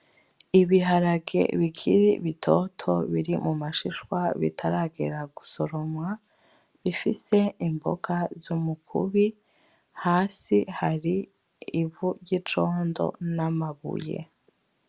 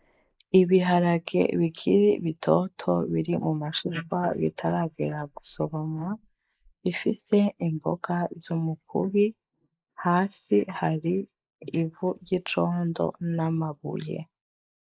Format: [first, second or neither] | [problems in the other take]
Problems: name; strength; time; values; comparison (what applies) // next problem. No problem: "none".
first | noise reduction (neural mask model Resemble Enhance denoiser)